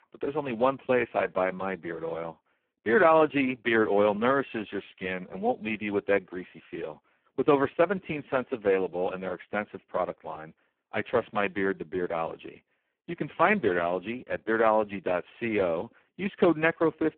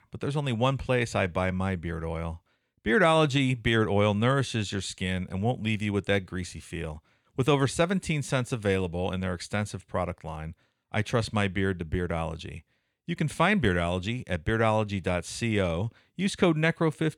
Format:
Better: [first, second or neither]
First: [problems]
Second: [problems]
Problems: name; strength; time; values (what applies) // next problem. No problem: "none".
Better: second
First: phone-call audio; poor line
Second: none